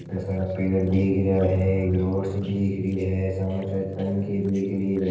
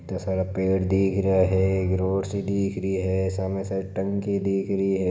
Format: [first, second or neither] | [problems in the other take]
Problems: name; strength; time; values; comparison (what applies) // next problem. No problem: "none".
second | noise reduction (neural separator model SepFormer DNS4)